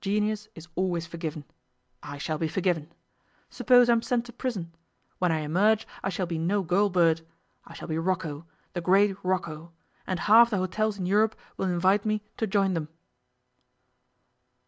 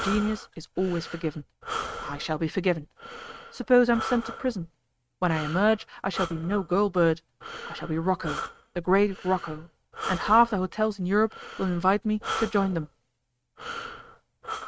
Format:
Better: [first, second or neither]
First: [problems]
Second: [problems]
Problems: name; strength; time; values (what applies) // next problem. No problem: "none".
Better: first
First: none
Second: noise reduction (neural mask model RNNoise)